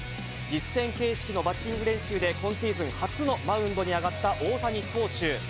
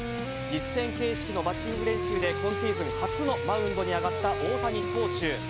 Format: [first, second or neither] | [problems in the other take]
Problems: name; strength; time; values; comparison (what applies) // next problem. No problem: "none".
first | background sound (Wind instrument, woodwind instrument); 3 dB below the speech